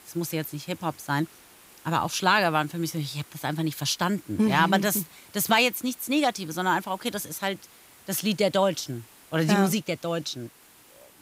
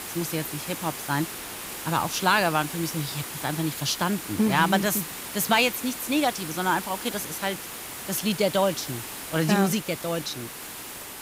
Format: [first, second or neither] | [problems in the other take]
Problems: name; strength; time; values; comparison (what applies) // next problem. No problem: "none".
first | hiss; loud; throughout; 8 dB below the speech; faint in the first